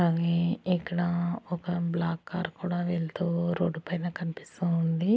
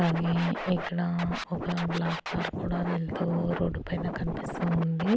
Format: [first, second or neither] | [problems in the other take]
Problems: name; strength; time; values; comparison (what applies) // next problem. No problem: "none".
first | background sound (Scratching (performance technique)); 6 dB below the speech